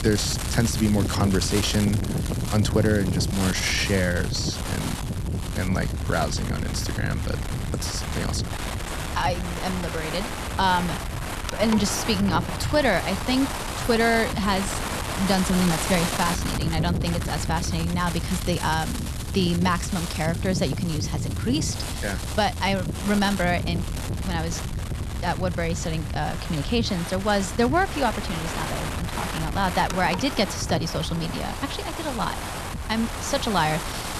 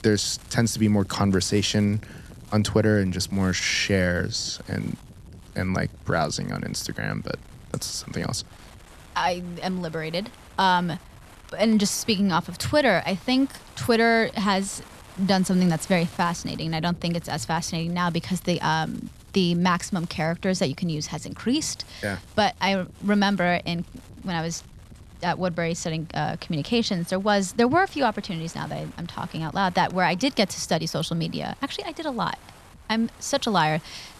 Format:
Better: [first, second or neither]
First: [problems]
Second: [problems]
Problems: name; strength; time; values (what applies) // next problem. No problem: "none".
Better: second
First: wind noise on the microphone; heavy; 6 dB below the speech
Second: wind noise on the microphone; occasional gusts; 25 dB below the speech